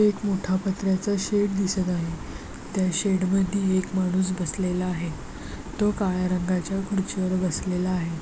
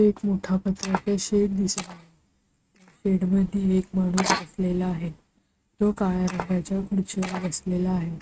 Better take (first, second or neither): first